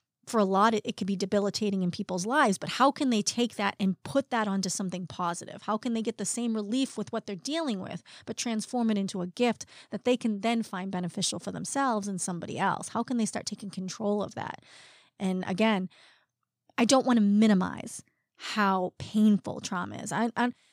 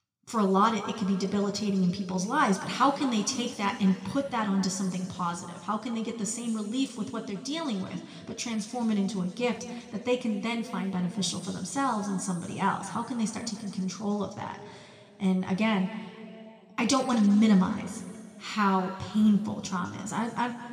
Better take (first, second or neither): first